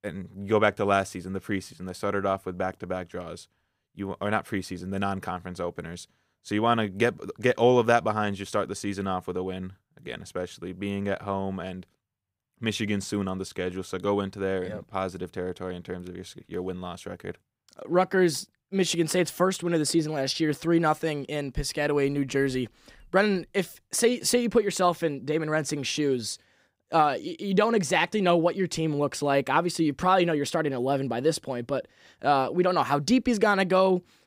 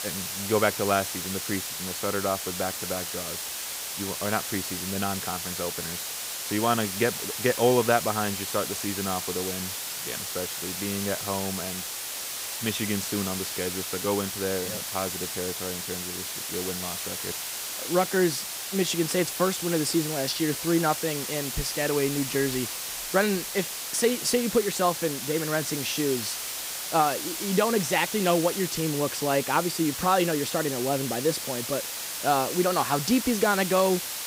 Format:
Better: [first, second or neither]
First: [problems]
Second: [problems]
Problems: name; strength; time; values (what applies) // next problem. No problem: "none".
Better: first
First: none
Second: hiss; loud; throughout; 3 dB below the speech